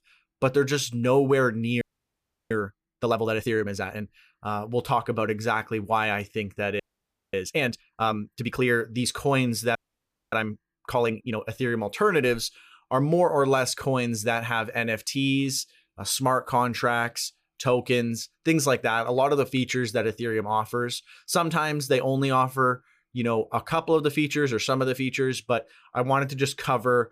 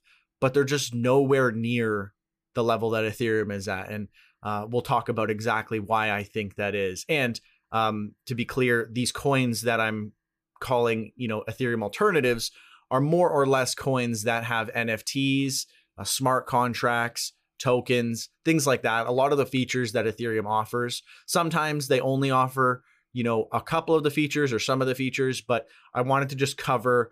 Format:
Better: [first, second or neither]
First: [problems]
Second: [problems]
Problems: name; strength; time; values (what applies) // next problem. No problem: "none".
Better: second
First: audio freezing; at 2 s for 0.5 s, at 7 s for 0.5 s and at 10 s for 0.5 s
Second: none